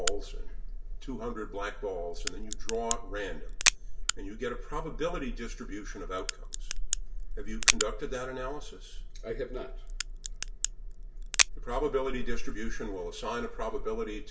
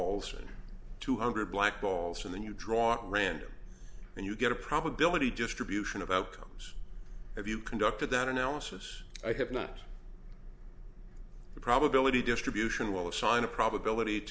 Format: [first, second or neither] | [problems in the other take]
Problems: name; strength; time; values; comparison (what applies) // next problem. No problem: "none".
second | background sound (Crack); 3 dB below the speech // room echo; dies away in 0.1 s